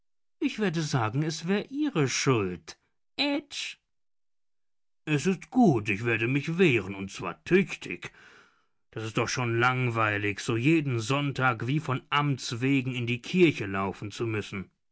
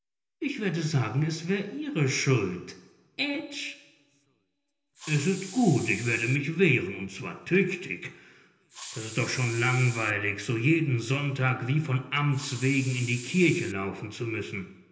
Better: first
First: none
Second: background sound (Hiss); 14 dB below the speech // room echo; dies away in 1.4 s

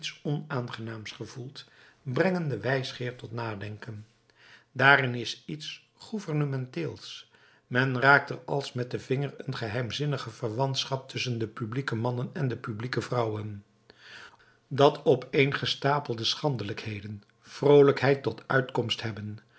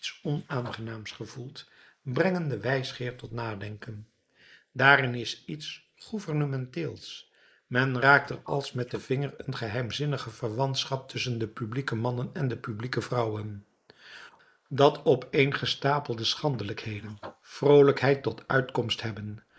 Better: first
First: none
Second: noise reduction (neural mask model Resemble Enhance denoiser)

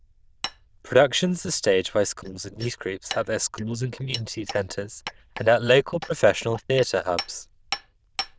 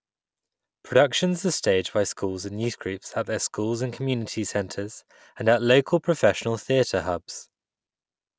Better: second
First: noise reduction (neural diffusion model UNIVERSE++)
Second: none

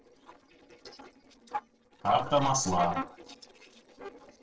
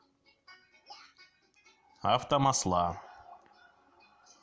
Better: second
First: noise reduction (neural separator model SepFormer DNS4)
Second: none

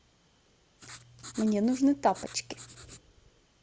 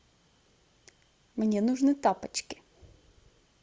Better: second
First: background sound (Writing); 17 dB below the speech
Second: none

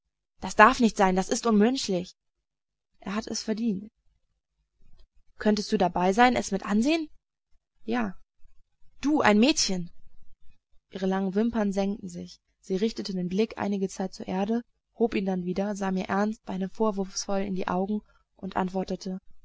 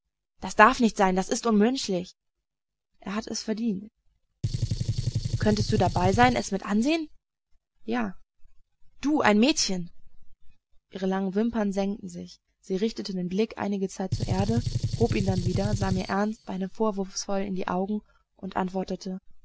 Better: first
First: none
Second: background sound (Gunshot, gunfire); 2 dB below the speech

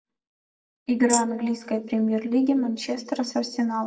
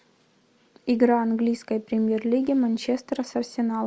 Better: second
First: noise reduction (neural mask model DeepFilterNet 3)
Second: none

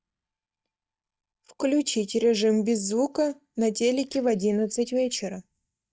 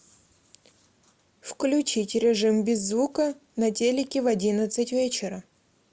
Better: second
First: noise reduction (neural mask model DeepFilterNet 3)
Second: none

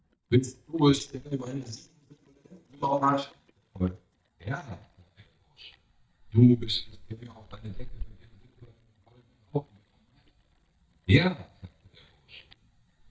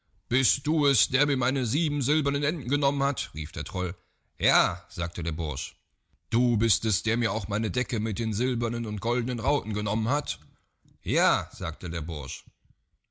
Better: second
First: noise reduction (neural mask model DeepFilterNet 3)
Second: none

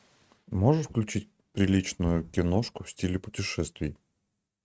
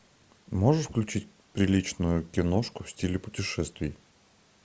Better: second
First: noise reduction (neural mask model RNNoise)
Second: none

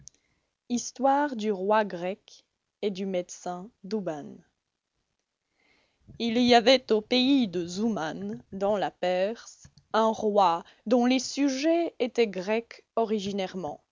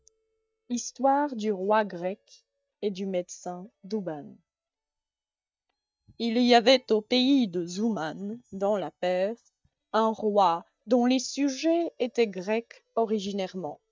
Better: first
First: none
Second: noise reduction (neural mask model DeepFilterNet 3)

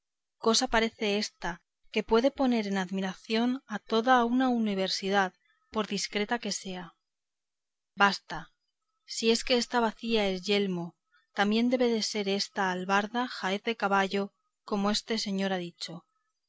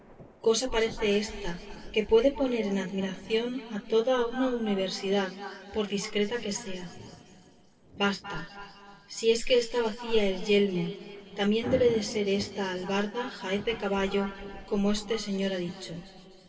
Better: first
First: none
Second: background sound (Thunder / Rain); 18 dB below the speech // room echo; dies away in 2.9 s

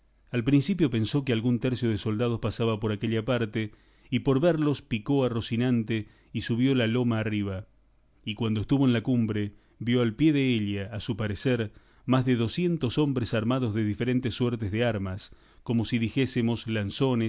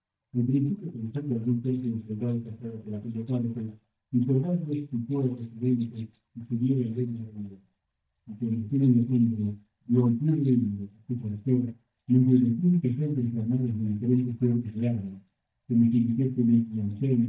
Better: first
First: none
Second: noise reduction (neural mask model DeepFilterNet 3)

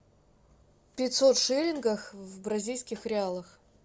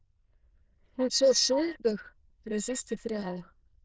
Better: first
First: none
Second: noise reduction (neural diffusion model UNIVERSE++)

